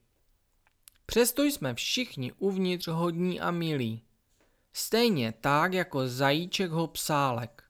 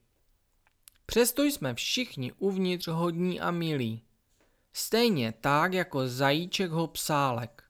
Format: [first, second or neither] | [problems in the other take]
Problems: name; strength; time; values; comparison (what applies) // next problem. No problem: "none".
neither | none